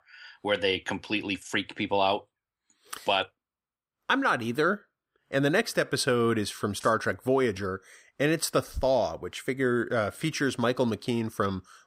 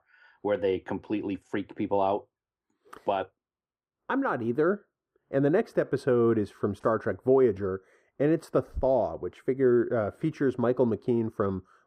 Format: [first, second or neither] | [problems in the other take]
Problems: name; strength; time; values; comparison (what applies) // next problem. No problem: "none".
first | muffled; very; fading above 2 kHz